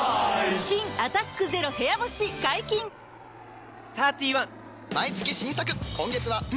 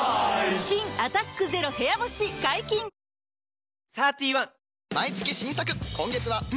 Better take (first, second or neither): second